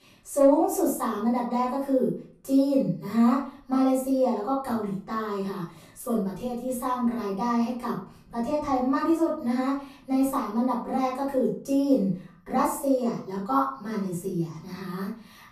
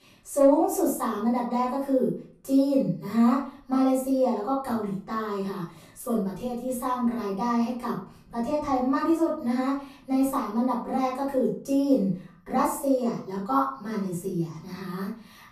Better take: neither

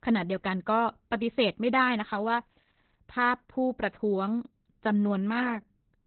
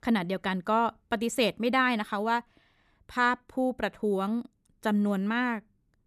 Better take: second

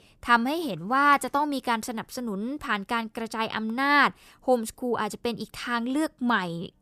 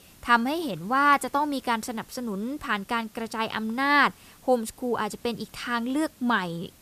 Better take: first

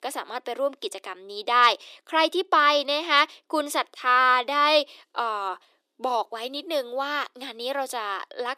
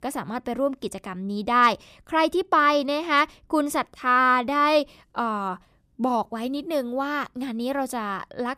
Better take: second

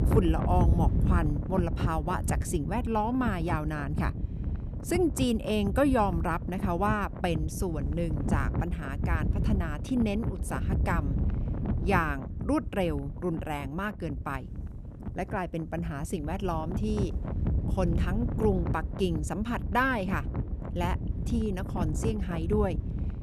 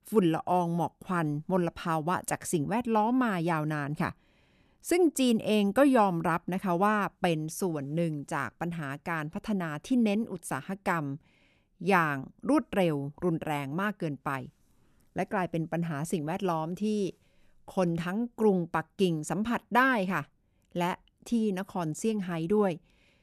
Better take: second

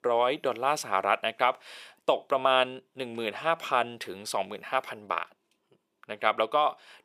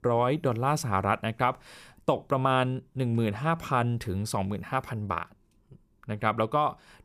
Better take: second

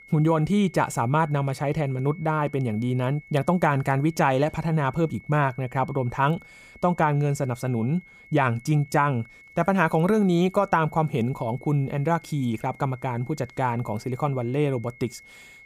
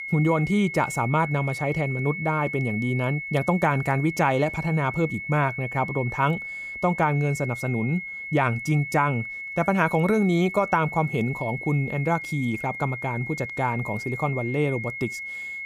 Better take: first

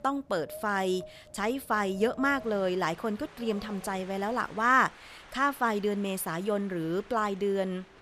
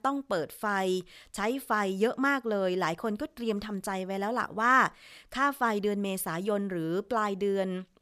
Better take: second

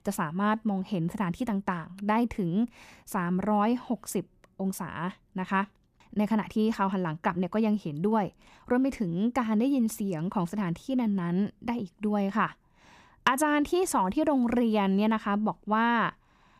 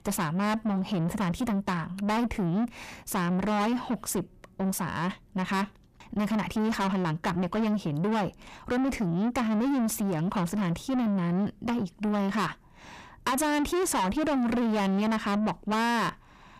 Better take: first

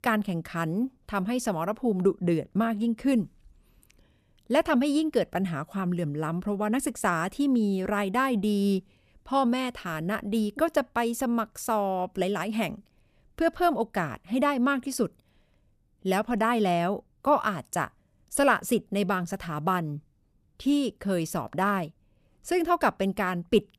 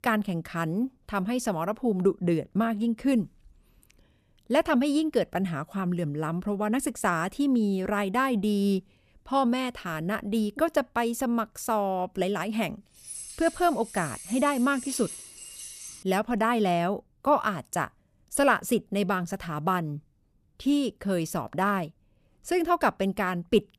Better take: first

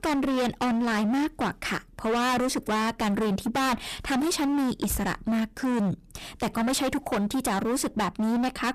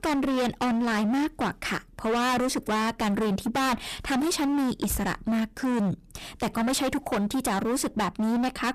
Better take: neither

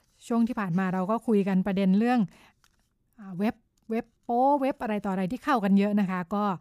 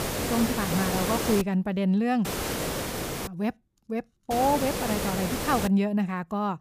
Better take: first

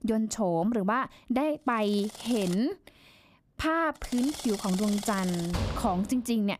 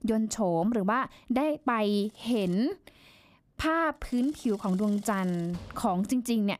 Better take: second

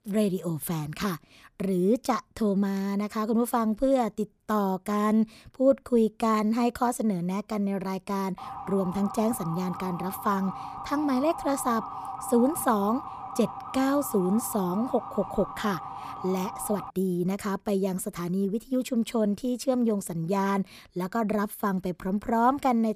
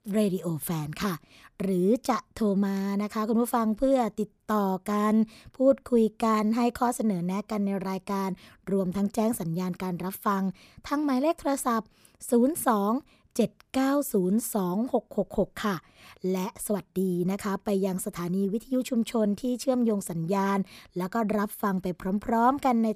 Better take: second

